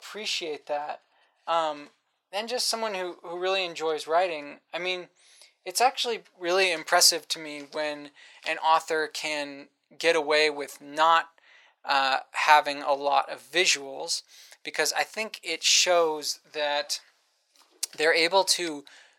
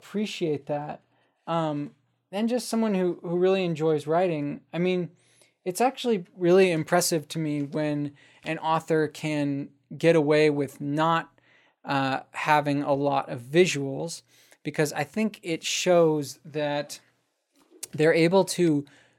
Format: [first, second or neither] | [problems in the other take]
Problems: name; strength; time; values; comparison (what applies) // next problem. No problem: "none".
second | thin; very; fading below 800 Hz